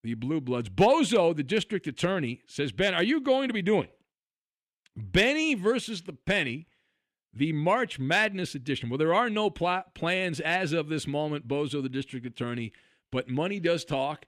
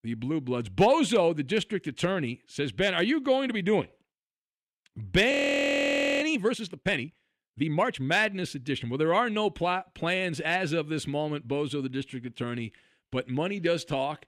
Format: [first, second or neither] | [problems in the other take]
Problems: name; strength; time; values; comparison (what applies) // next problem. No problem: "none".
first | audio freezing; at 5.5 s for 1 s